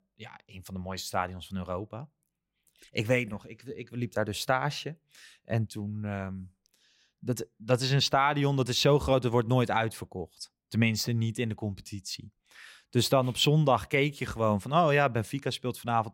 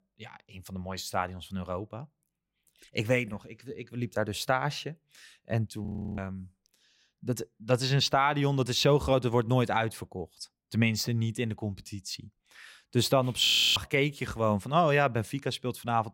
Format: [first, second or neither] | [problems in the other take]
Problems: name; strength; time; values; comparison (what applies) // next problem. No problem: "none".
first | audio freezing; at 6 s and at 13 s